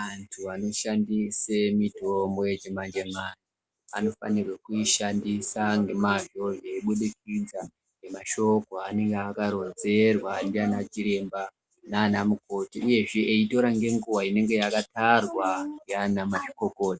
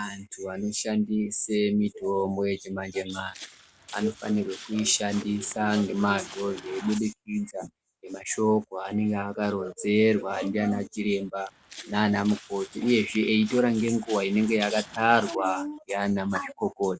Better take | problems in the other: first | background sound (Walk, footsteps); 18 dB below the speech

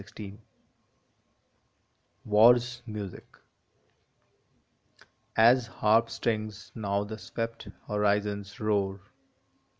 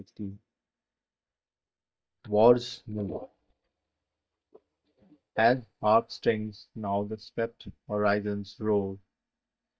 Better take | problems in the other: first | noise reduction (neural mask model DeepFilterNet 3)

